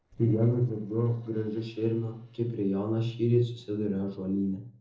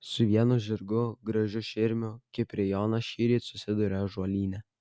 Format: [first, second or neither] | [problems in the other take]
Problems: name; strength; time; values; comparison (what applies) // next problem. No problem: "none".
second | noise reduction (neural separator model SepFormer DNS4)